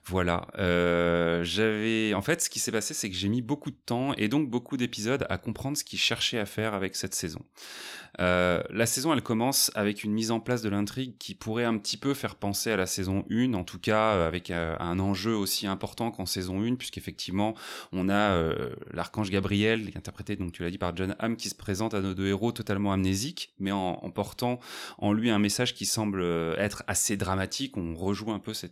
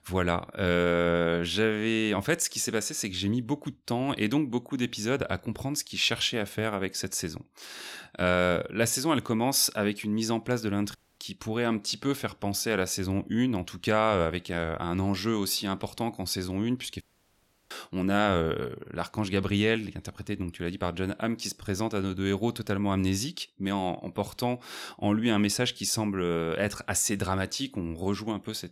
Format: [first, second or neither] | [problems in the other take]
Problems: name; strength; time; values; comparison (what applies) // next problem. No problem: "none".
first | audio cutting out; at 11 s and at 17 s for 0.5 s